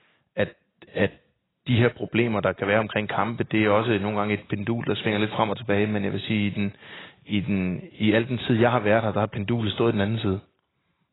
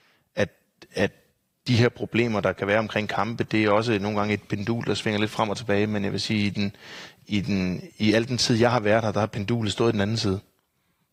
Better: second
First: garbled, watery; badly; nothing above 4 kHz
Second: garbled, watery; slightly; nothing above 15.5 kHz

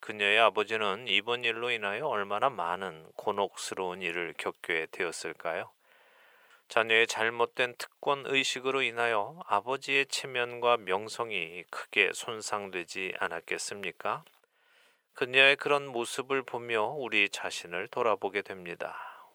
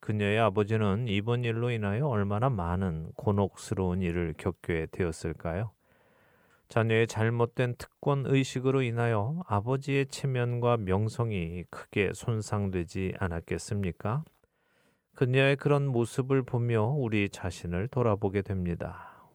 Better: second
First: thin; very; fading below 600 Hz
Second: none

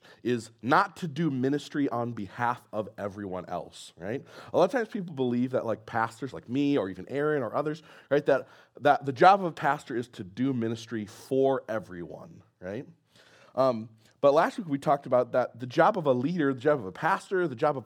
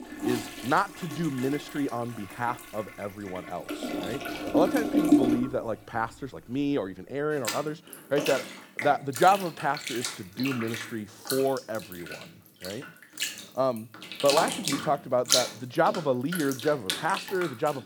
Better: first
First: none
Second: household noises; loud; throughout; 2 dB below the speech

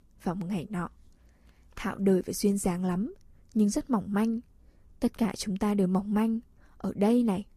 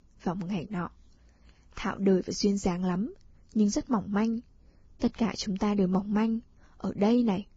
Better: first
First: garbled, watery; slightly; nothing above 14.5 kHz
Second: garbled, watery; badly; nothing above 7.5 kHz

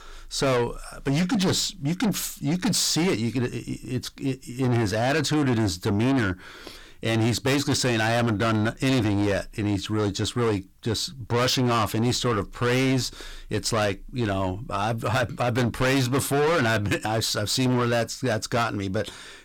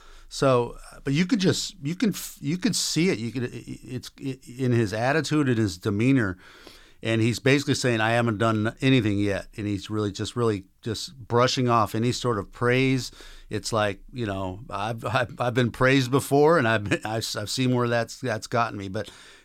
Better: second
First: distortion; heavy; 6 dB below the speech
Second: none

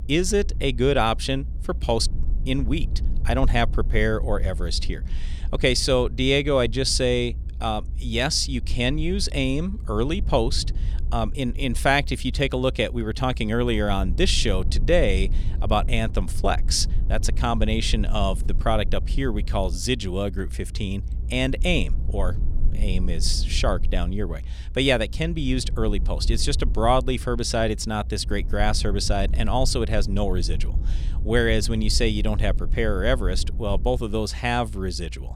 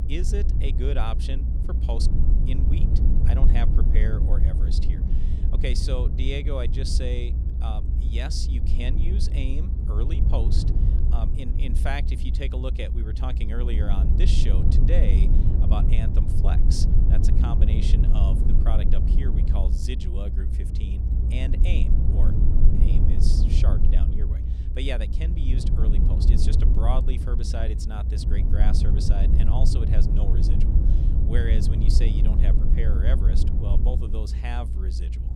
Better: first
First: low rumble; faint; throughout; 20 dB below the speech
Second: low rumble; loud; throughout; 3 dB below the speech

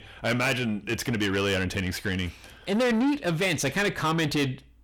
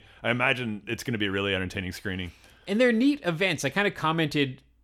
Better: second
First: distortion; heavy; 7 dB below the speech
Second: none

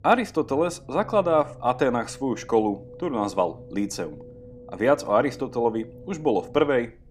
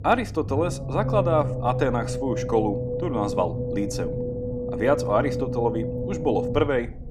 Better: first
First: low rumble; faint; throughout; 20 dB below the speech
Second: low rumble; loud; throughout; 6 dB below the speech

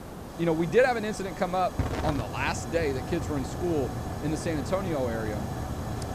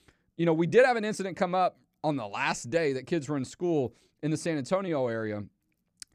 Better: second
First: hiss; loud; throughout; 6 dB below the speech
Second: none

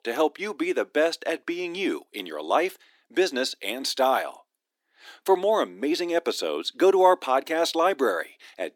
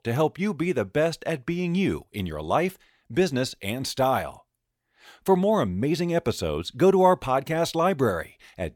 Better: second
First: thin; somewhat; fading below 300 Hz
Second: none

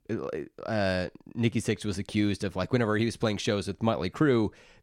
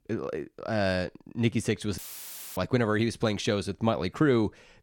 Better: first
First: none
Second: audio cutting out; filled with static; at 2 s for 0.5 s

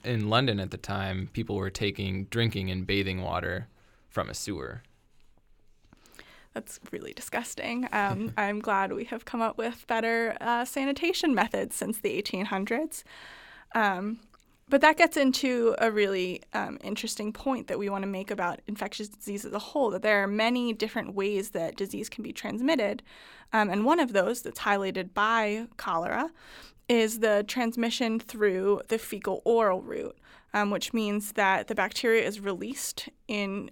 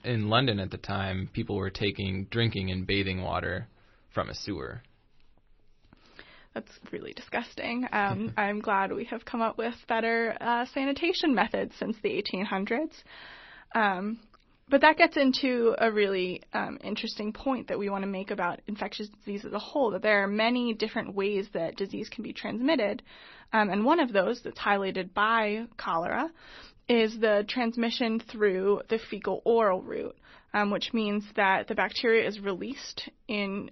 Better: first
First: none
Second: garbled, watery; slightly; nothing above 6 kHz

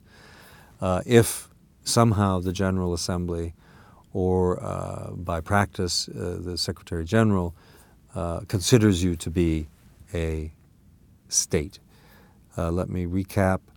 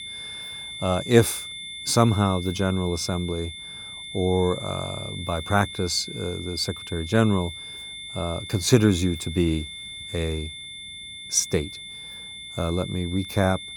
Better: first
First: none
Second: high-pitched whine; noticeable; throughout; 3.5 kHz, 10 dB below the speech

